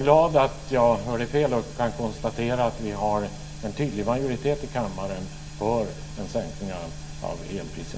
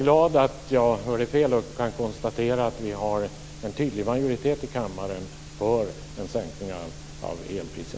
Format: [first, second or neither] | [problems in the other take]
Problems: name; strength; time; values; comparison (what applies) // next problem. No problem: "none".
second | room echo; dies away in 0.3 s